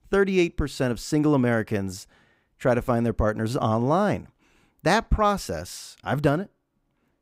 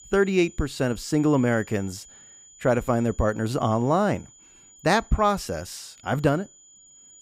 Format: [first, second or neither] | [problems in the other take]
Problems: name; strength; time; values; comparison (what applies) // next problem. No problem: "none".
first | high-pitched whine; faint; throughout; 7 kHz, 25 dB below the speech